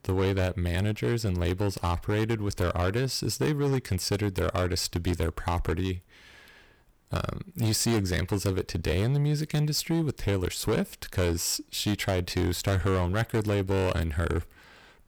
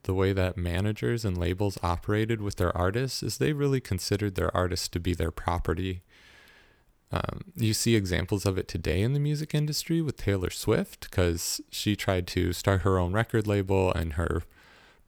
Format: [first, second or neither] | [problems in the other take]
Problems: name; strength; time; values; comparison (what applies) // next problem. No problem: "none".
second | distortion; slight; 11% of the sound clipped